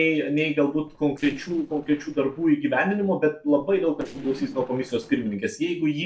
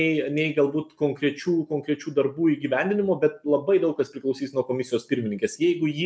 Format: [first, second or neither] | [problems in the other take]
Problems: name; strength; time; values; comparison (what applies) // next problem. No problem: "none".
second | noise reduction (neural separator model SepFormer DNS4)